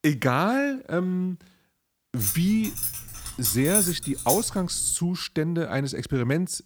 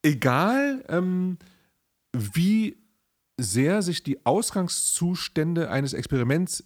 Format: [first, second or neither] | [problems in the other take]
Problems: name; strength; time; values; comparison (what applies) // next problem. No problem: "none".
second | jangling keys; loud; from 2 to 4.5 s; peak 3 dB above the speech